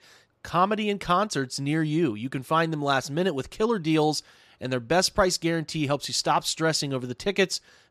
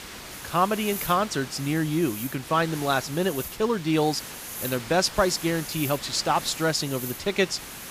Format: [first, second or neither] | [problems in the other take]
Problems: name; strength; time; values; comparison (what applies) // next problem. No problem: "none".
first | hiss; loud; throughout; 10 dB below the speech